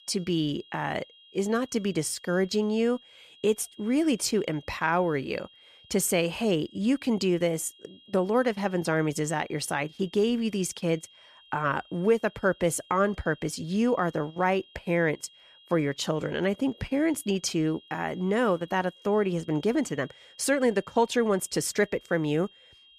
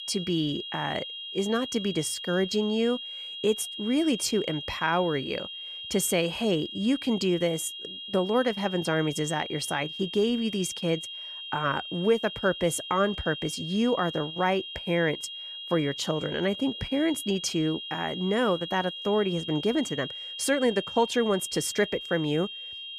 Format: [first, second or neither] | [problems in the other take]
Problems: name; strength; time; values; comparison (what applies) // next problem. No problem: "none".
first | high-pitched whine; loud; throughout; 3 kHz, 8 dB below the speech; faint in the first